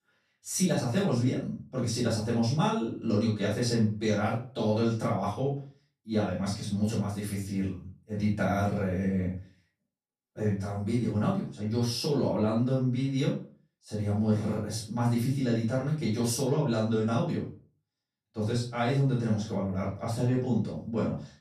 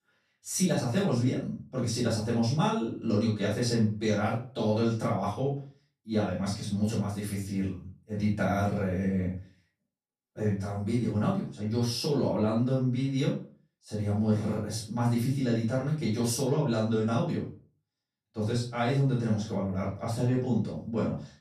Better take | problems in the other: neither | off-mic speech; far; the same in both // room echo; noticeable; dies away in 0.3 s; the same in both

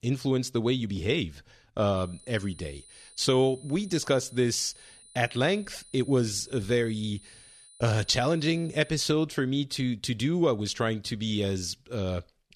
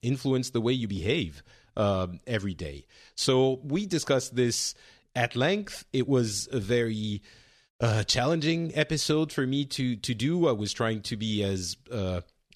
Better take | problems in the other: second | high-pitched whine; faint; from 2 to 9 s; 9.5 kHz, 25 dB below the speech

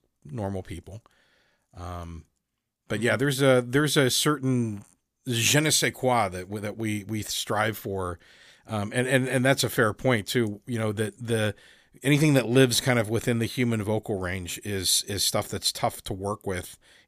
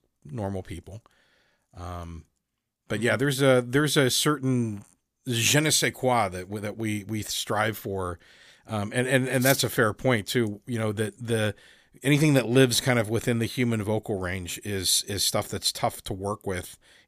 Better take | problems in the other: first | clattering dishes; noticeable; at 9.5 s; peak 5 dB below the speech

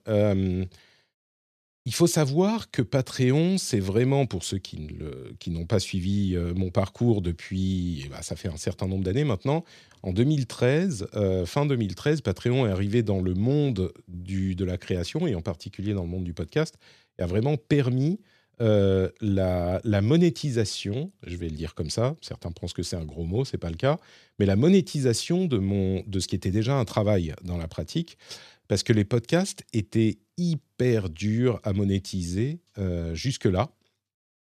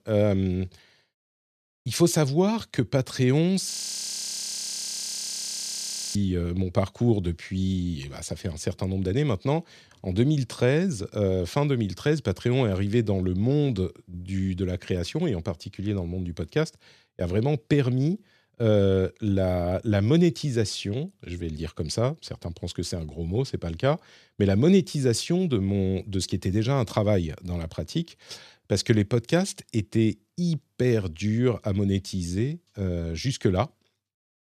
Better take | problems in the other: first | audio freezing; at 3.5 s for 2.5 s

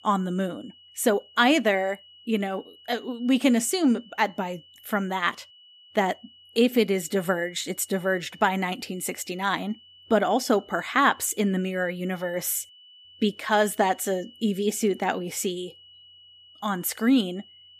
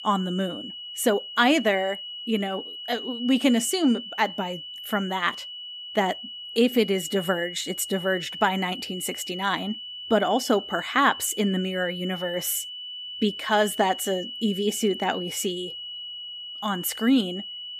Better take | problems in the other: first | high-pitched whine; loud; throughout; 3 kHz, 9 dB below the speech; faint in the first

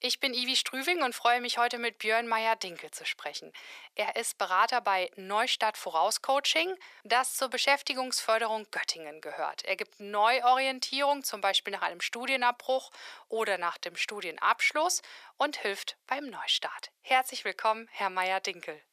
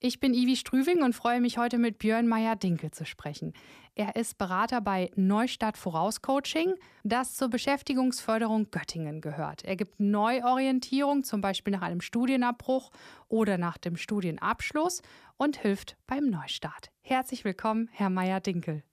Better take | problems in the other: second | thin; very; fading below 550 Hz

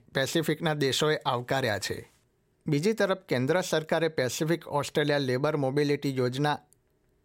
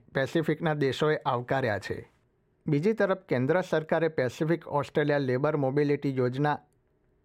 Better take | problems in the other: first | muffled; slightly; fading above 3 kHz

